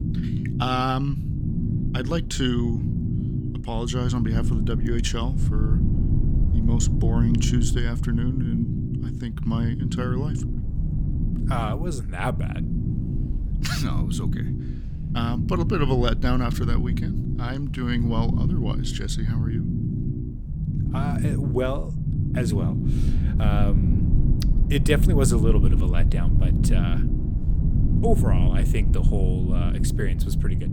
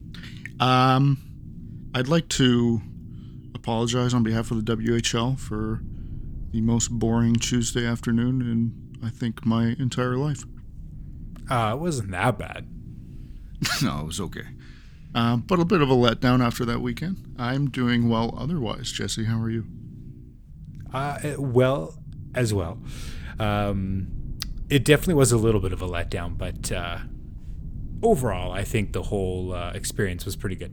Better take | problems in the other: second | low rumble; loud; throughout; 5 dB below the speech; faint in the second

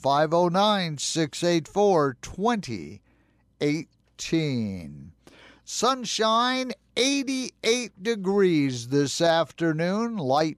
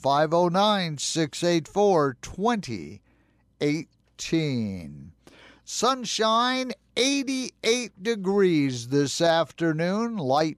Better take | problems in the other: neither | none

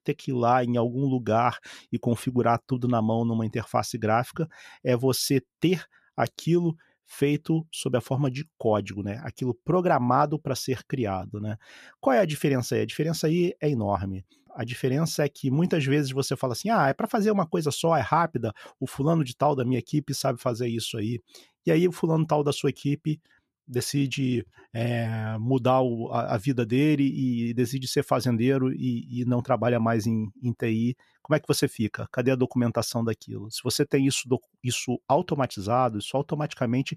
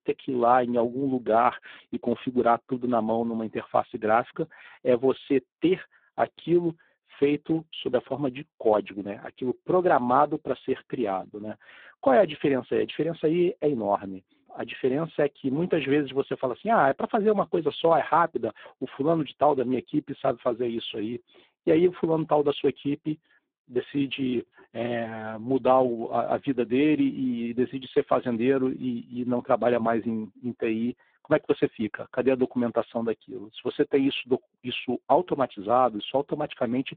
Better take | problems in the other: first | phone-call audio; poor line

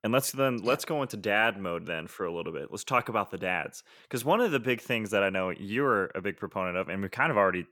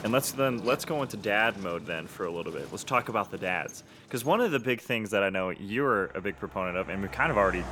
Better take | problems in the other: first | traffic noise; noticeable; throughout; 15 dB below the speech

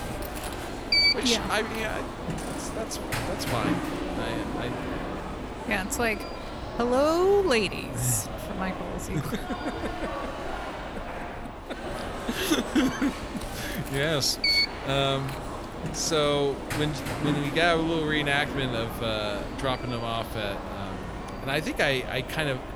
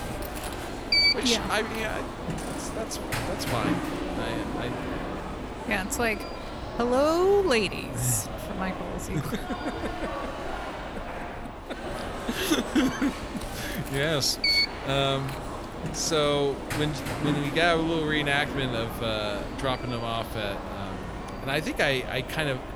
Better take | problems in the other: neither | alarms or sirens; loud; throughout; 4 dB below the speech; the same in both

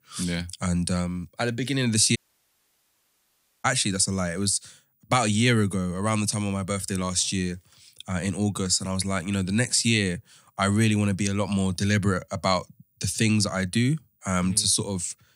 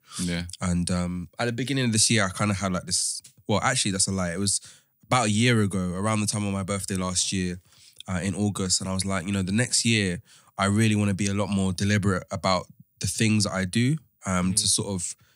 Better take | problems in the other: second | audio cutting out; at 2 s for 1.5 s

